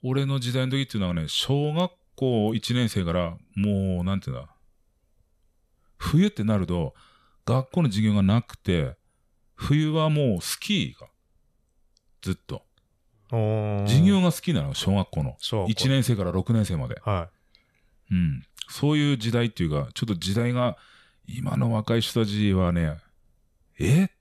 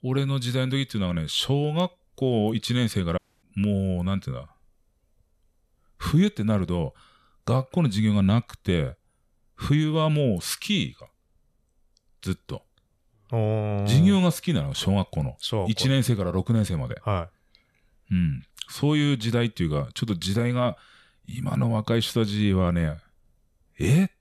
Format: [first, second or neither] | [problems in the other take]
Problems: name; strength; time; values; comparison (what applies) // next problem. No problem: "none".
first | audio cutting out; at 3 s